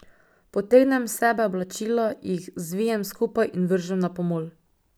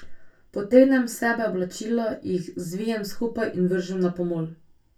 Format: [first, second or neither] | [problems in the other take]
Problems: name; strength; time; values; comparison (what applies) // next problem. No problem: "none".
first | room echo; dies away in 0.2 s